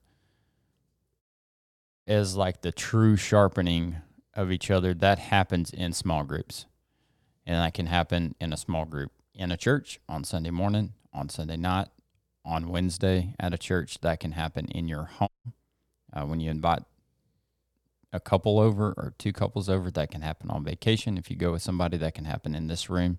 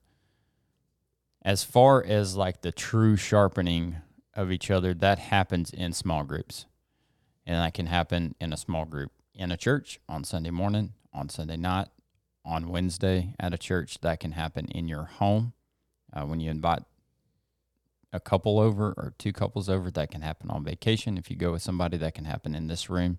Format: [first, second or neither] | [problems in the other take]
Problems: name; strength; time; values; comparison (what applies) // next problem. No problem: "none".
second | audio cutting out; at 1 s for 1 s and at 15 s